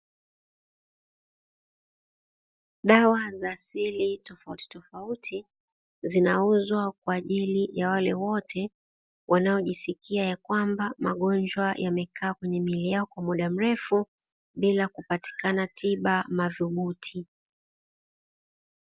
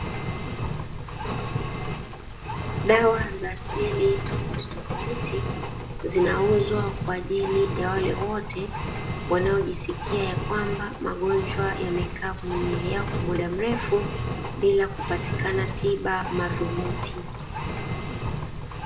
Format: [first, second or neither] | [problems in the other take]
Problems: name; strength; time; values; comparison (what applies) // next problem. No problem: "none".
first | background sound (Engine); 2 dB below the speech // room echo; dies away in 0.4 s